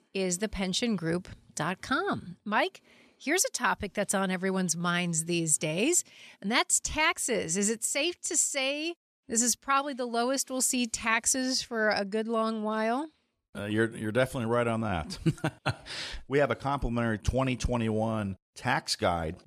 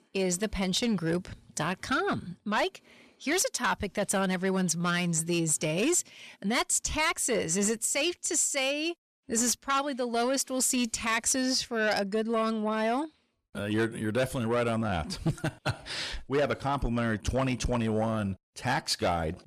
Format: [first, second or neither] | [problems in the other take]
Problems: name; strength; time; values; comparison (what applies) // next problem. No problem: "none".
first | distortion; slight; 10 dB below the speech